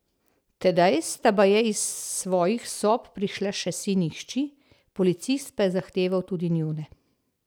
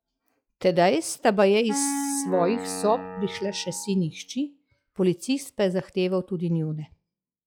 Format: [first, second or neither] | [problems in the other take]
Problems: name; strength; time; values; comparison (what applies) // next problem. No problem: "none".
first | noise reduction (classical method log-MMSE)